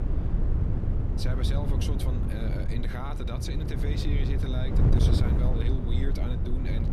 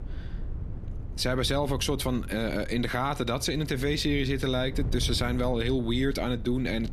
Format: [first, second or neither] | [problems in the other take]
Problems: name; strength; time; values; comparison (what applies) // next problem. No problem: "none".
second | wind noise on the microphone; heavy; as loud as the speech; occasional gusts in the second